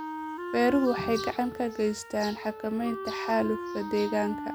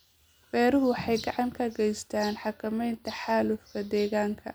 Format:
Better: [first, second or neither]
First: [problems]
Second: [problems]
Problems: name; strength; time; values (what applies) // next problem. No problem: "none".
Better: second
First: background sound (Wind instrument, woodwind instrument); 8 dB below the speech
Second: none